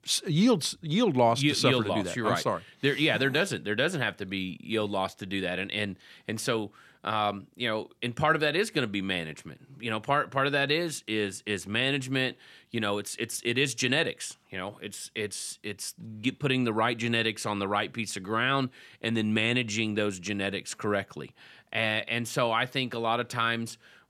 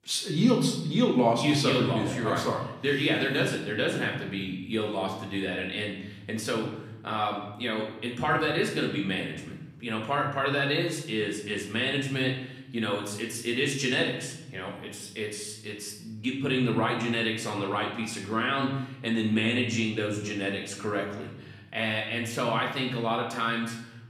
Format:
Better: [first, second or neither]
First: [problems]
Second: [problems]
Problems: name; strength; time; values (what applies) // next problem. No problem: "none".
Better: first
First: none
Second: room echo; noticeable; dies away in 1 s // off-mic speech; somewhat distant